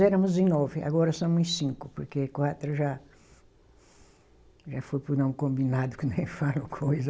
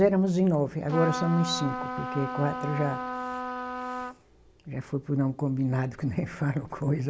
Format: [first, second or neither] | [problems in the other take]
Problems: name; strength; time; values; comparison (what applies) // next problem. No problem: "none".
first | background sound (Trumpet); 6 dB below the speech